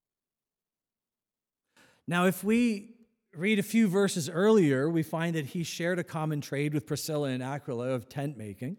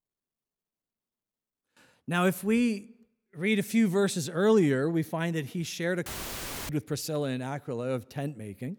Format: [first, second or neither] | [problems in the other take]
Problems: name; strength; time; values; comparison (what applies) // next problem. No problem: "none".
first | audio cutting out; filled with static; at 6 s for 0.5 s